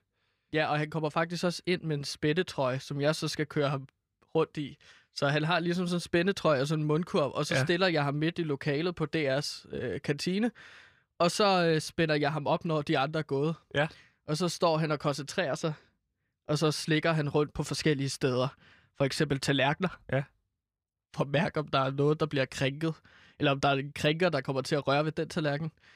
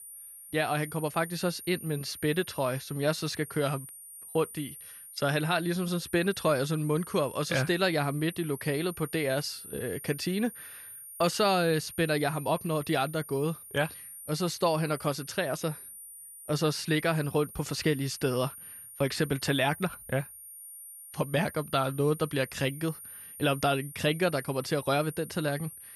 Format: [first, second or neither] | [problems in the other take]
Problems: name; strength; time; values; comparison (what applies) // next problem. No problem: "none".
first | high-pitched whine; noticeable; throughout; 9.5 kHz, 15 dB below the speech